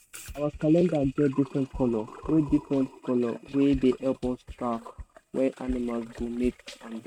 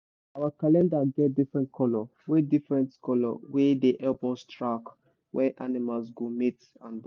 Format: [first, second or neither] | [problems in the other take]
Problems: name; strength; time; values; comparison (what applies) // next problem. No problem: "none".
second | noise reduction (neural mask model RNNoise)